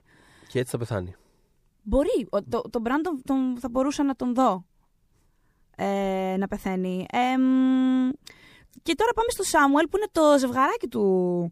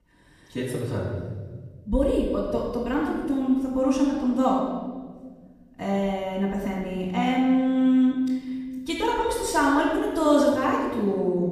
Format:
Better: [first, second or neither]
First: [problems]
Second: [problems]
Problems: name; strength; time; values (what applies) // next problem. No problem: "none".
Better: first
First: none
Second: off-mic speech; far // room echo; noticeable; dies away in 1.8 s